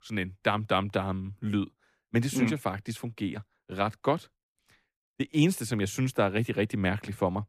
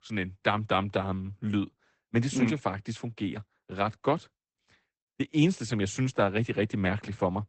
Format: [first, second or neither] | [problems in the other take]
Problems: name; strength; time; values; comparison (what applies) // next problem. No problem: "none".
first | garbled, watery; badly; nothing above 8 kHz